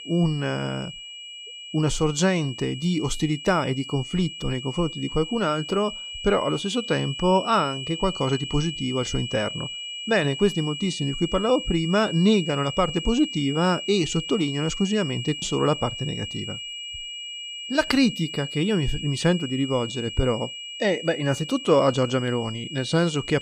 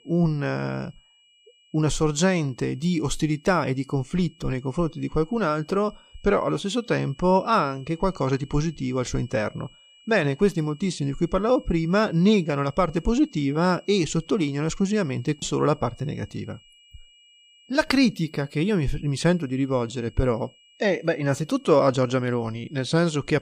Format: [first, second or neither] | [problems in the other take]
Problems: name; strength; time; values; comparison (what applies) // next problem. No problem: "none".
second | high-pitched whine; loud; throughout; 3 kHz, 8 dB below the speech; faint in the second